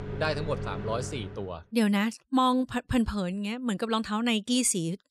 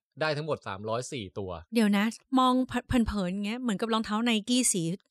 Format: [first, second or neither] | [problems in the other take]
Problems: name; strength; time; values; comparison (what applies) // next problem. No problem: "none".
second | household noises; loud; until 1.5 s; 9 dB below the speech